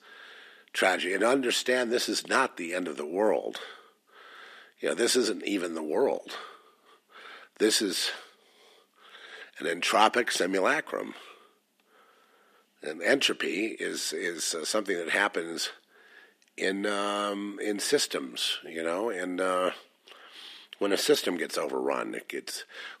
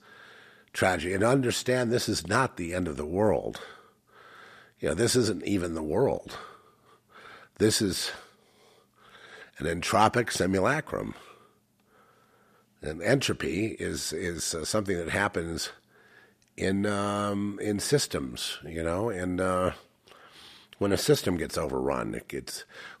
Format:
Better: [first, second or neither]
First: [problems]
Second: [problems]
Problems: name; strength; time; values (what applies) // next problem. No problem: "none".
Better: second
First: thin; very slightly; fading below 250 Hz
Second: none